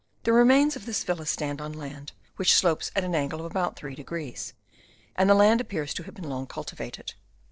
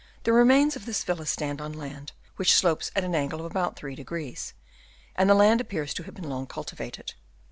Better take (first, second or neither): second